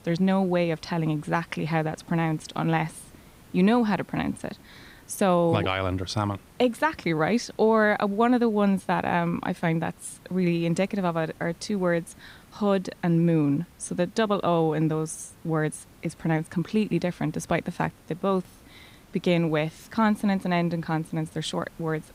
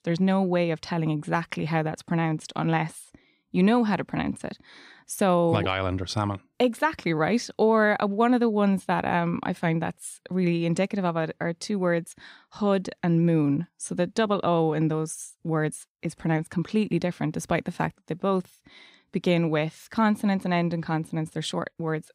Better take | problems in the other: second | hiss; faint; throughout; 25 dB below the speech

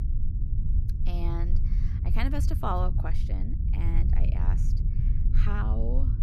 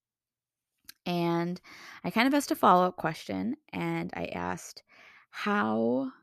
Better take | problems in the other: second | low rumble; loud; throughout; 8 dB below the speech

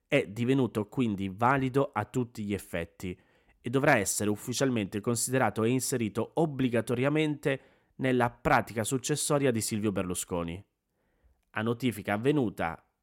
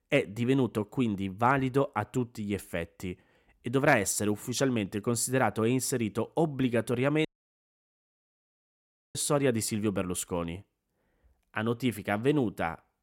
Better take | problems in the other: first | audio cutting out; at 7.5 s for 2 s

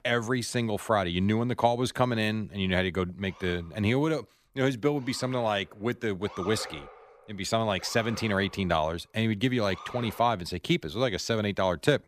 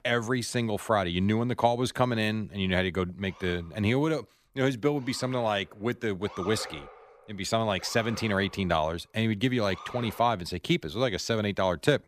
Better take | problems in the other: neither | siren; faint; from 3.5 to 10 s; peak 10 dB below the speech; the same in both

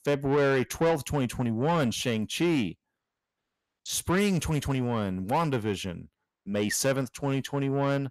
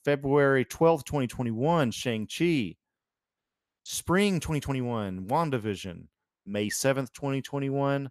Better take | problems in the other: second | distortion; slight; 10 dB below the speech

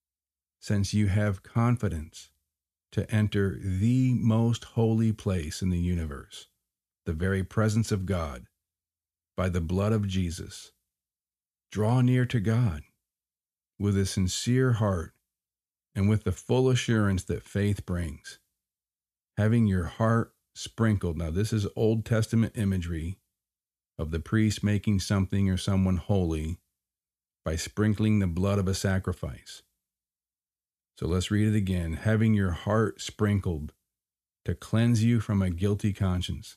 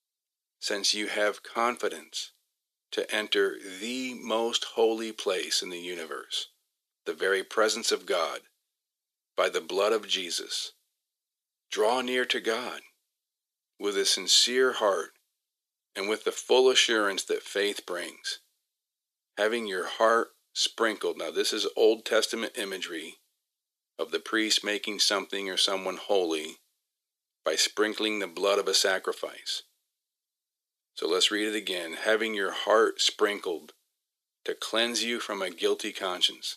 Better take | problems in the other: first | thin; very; fading below 350 Hz

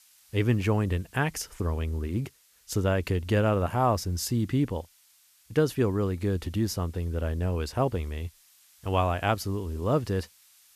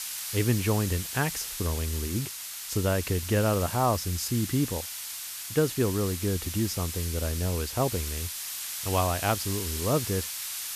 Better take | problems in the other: first | hiss; loud; throughout; 5 dB below the speech; faint in the first

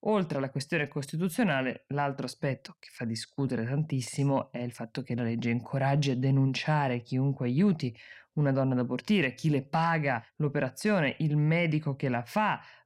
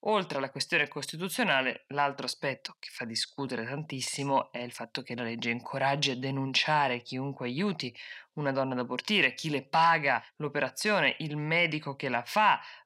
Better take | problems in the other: first | thin; somewhat; fading below 1 kHz

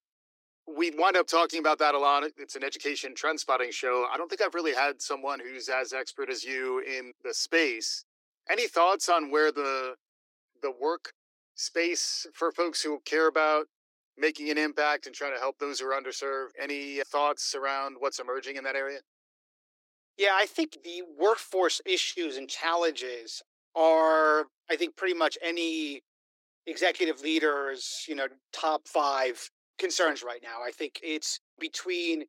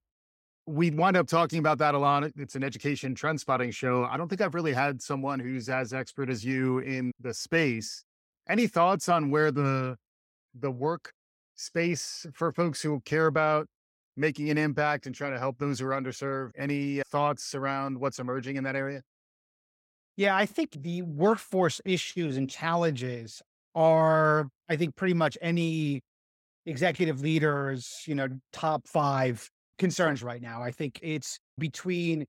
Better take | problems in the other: second | thin; very; fading below 300 Hz

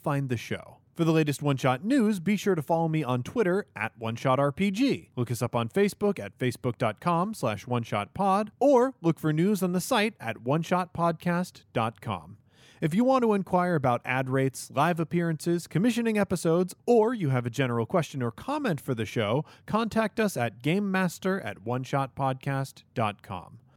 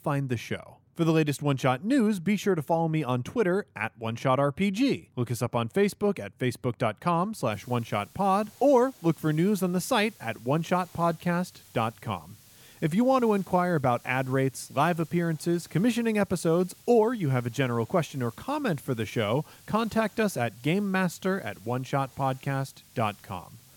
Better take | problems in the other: first | hiss; faint; from 7.5 s on; 25 dB below the speech

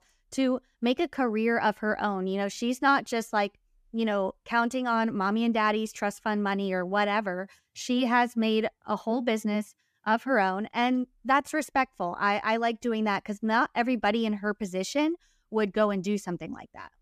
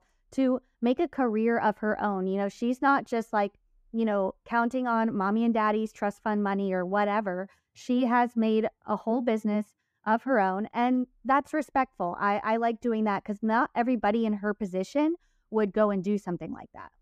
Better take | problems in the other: first | muffled; slightly; fading above 2 kHz

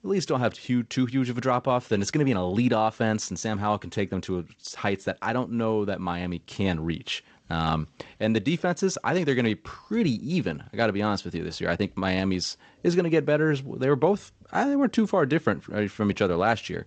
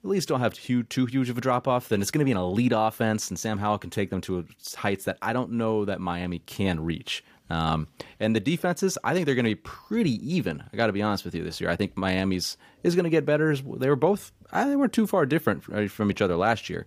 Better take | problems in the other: second | garbled, watery; slightly; nothing above 7.5 kHz

